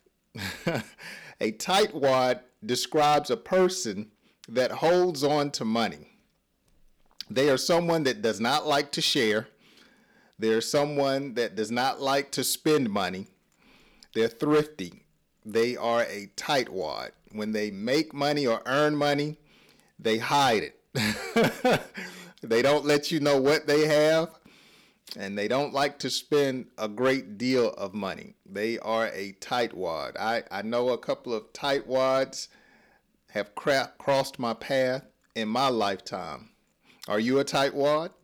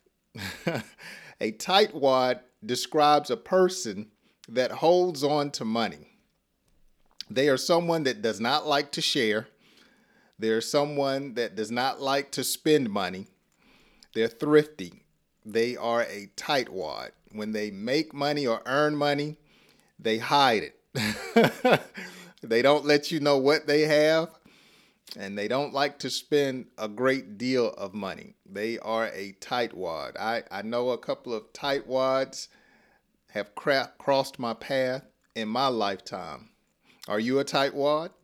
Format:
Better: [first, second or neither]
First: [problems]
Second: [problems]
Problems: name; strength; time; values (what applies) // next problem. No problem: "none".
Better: second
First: distortion; slight; 4% of the sound clipped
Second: none